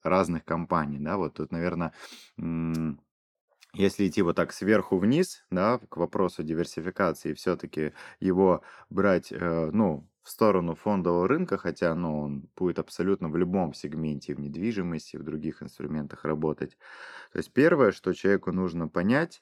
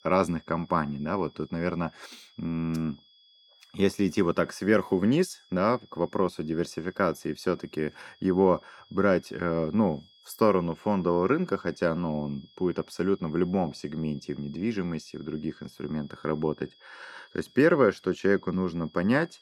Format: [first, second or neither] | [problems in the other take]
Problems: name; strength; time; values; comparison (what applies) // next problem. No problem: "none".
first | high-pitched whine; faint; throughout; 3.5 kHz, 30 dB below the speech